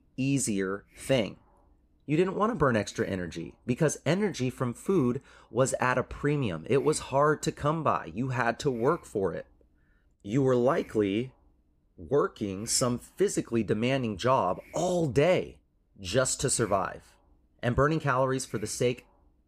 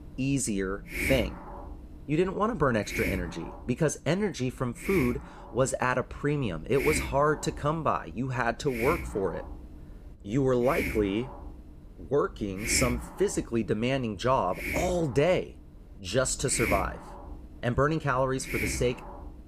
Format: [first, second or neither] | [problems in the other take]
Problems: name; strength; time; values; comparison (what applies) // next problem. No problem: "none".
first | hiss; loud; throughout; 7 dB below the speech; faint in the first